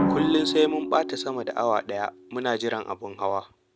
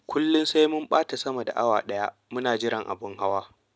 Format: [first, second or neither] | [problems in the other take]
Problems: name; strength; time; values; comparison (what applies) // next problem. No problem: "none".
second | background sound (Drum); 5 dB below the speech